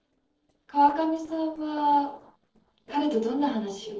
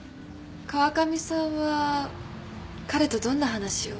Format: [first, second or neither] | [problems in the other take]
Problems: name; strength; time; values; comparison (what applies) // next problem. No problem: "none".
second | noise reduction (neural separator model SepFormer DNS4)